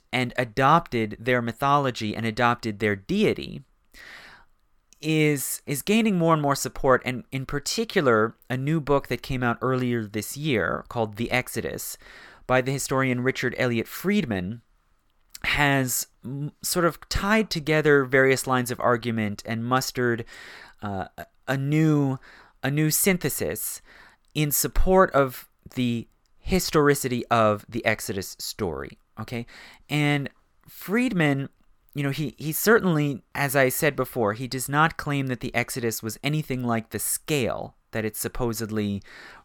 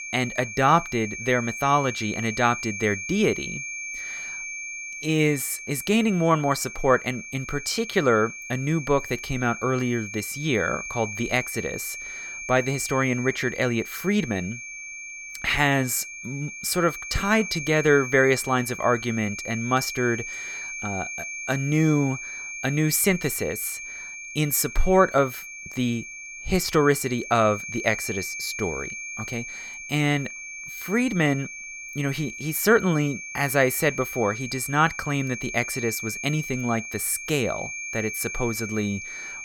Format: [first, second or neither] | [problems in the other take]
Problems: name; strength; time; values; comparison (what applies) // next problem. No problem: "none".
first | high-pitched whine; loud; throughout; 2.5 kHz, 9 dB below the speech